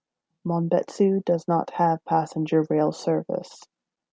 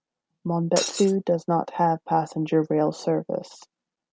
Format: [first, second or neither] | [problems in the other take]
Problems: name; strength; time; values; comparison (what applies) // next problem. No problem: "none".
first | background sound (Shatter); 5 dB below the speech